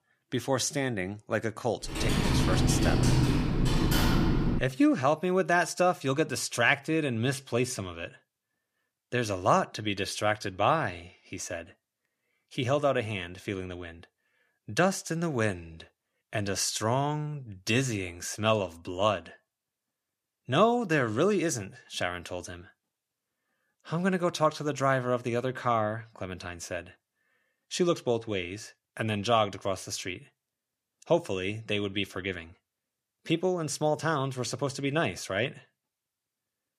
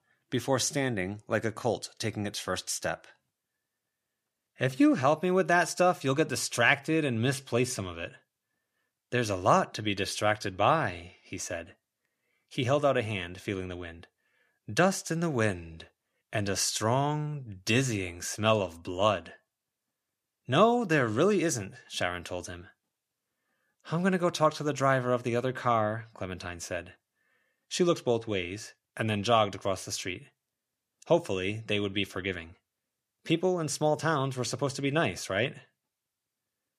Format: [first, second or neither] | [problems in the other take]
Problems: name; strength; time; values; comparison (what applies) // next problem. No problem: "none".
second | keyboard typing; loud; from 2 to 4.5 s; peak 5 dB above the speech